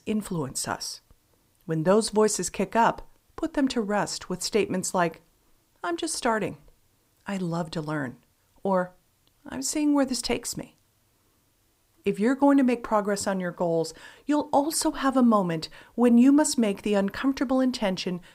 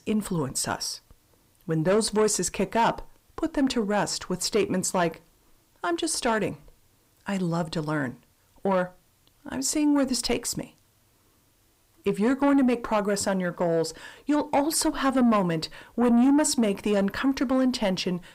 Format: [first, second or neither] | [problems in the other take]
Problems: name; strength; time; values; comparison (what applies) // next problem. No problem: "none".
first | distortion; slight; 10 dB below the speech